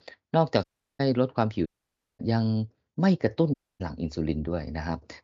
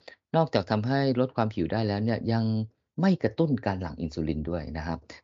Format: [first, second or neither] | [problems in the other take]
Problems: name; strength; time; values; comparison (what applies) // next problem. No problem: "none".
second | audio cutting out; at 0.5 s, at 1.5 s for 0.5 s and at 3.5 s